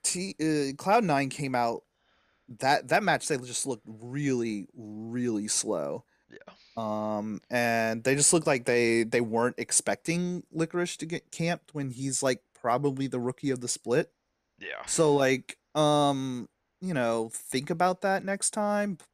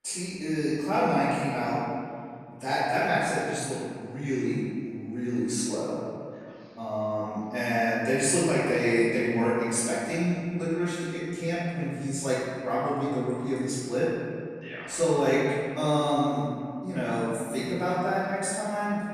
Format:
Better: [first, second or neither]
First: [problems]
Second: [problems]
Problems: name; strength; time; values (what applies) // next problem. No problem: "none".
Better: first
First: none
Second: off-mic speech; far // room echo; strong; dies away in 2.1 s